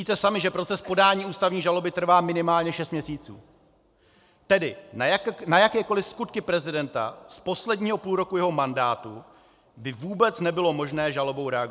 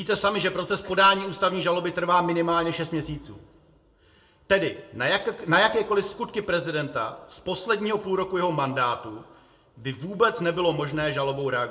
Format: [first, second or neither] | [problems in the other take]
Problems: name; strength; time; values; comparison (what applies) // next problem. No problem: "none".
first | room echo; dies away in 0.6 s